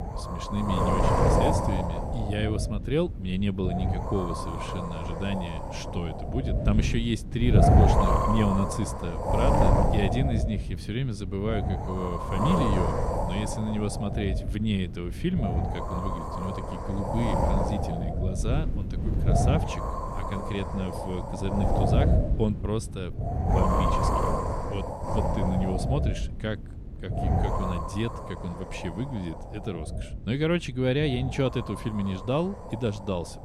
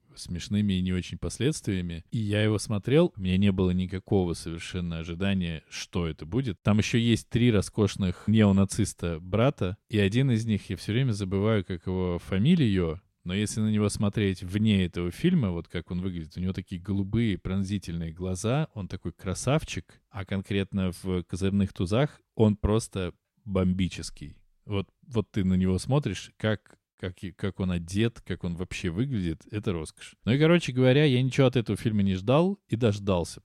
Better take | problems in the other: second | wind noise on the microphone; heavy; 4 dB above the speech

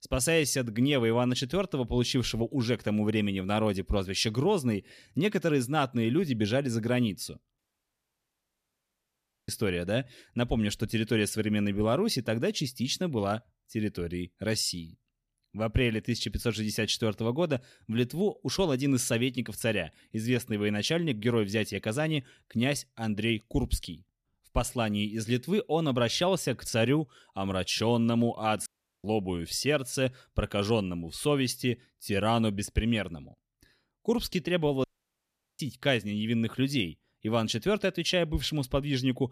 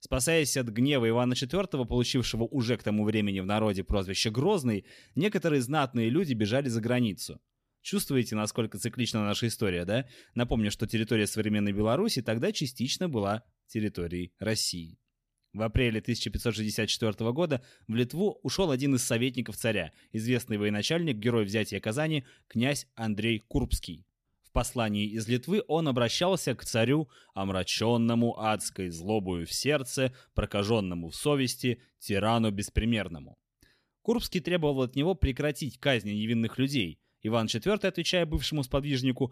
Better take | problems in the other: second | audio cutting out; at 7.5 s for 2 s, at 29 s and at 35 s for 1 s

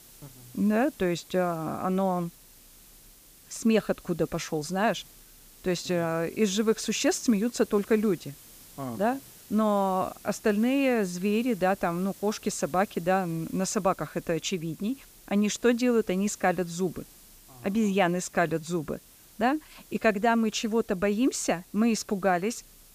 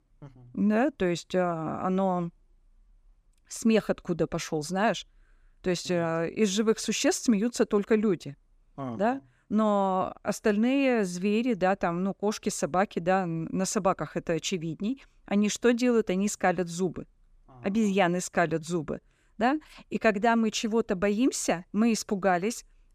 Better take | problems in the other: second | hiss; faint; throughout; 20 dB below the speech

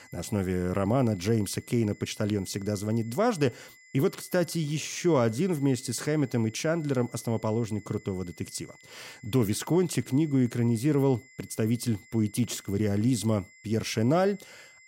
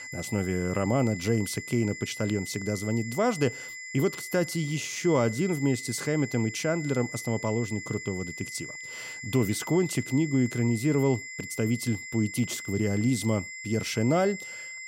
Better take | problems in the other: first | high-pitched whine; loud; throughout; 2 kHz, 10 dB below the speech; faint in the first

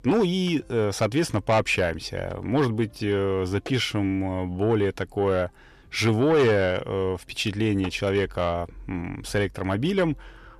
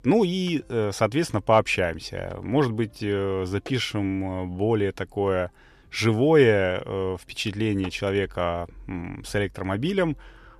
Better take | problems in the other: second | distortion; slight; 10 dB below the speech

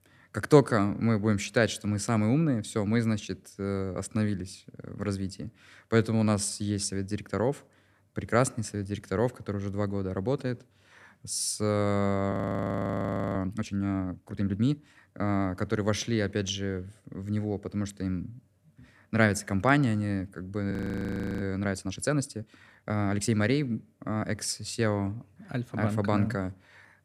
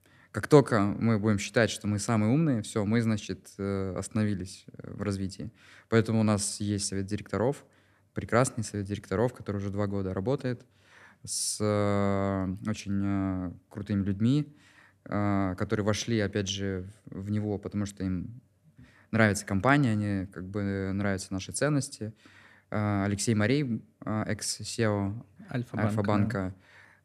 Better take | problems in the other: second | audio freezing; at 12 s for 1 s and at 21 s for 0.5 s

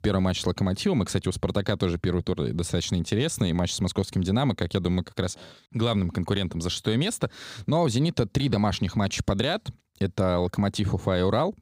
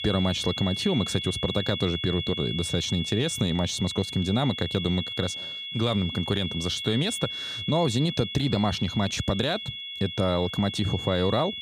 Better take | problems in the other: first | high-pitched whine; loud; throughout; 3.5 kHz, 5 dB below the speech

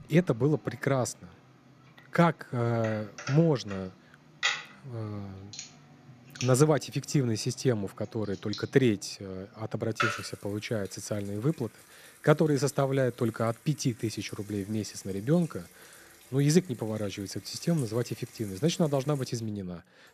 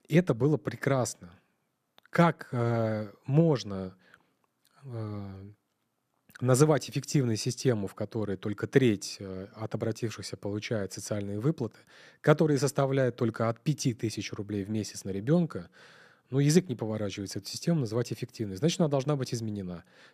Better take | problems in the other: second | household noises; noticeable; throughout; 10 dB below the speech

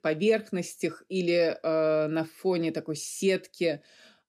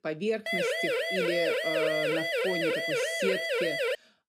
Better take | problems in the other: first | siren; loud; peak 6 dB above the speech

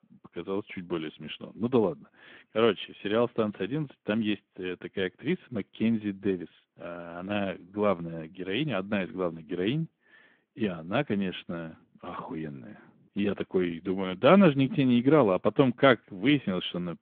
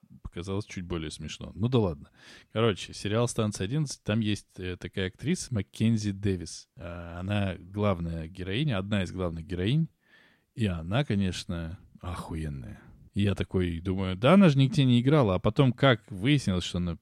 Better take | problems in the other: second | phone-call audio

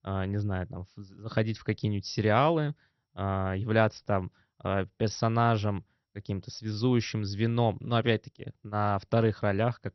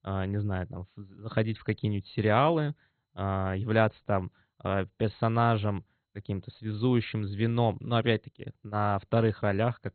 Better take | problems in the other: first | garbled, watery; badly; nothing above 4 kHz; slightly in the first

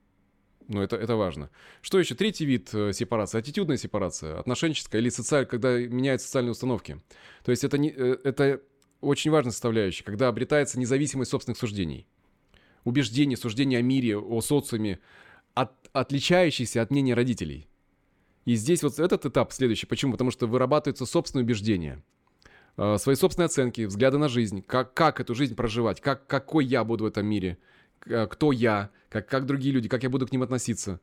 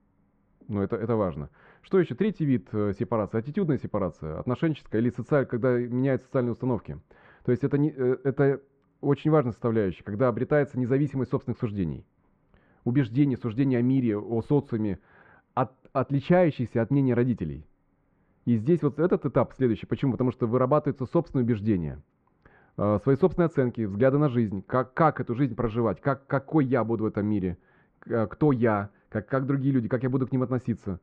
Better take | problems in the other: first | muffled; very; fading above 1 kHz

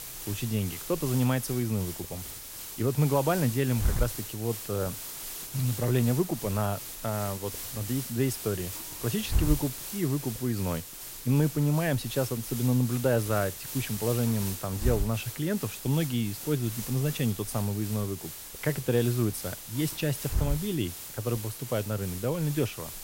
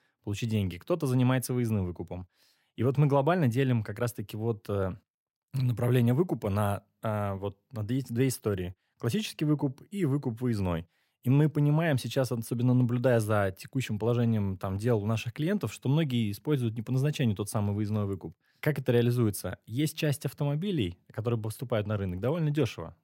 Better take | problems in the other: second | hiss; loud; throughout; 7 dB below the speech

